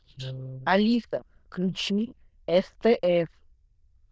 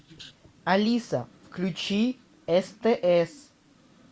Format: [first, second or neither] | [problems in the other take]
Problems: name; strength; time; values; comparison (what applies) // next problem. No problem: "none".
second | noise reduction (neural diffusion model UNIVERSE++)